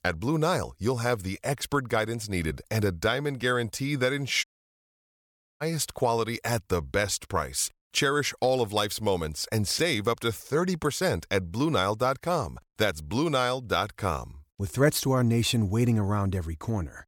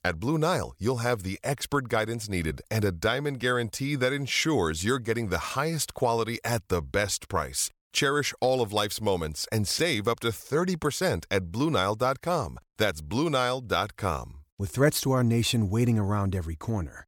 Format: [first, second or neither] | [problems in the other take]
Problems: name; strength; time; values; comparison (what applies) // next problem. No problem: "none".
second | audio cutting out; at 4.5 s for 1 s